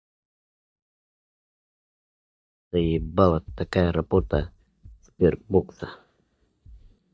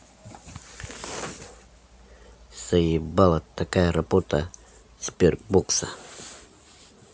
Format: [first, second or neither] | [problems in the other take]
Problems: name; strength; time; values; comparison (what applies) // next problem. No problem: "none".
second | noise reduction (neural mask model DeepFilterNet 3)